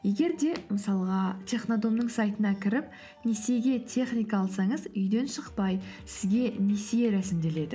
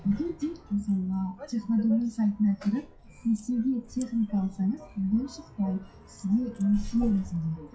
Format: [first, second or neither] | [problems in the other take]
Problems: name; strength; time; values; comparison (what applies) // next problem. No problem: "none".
first | noise reduction (classical method WPE with log-MMSE)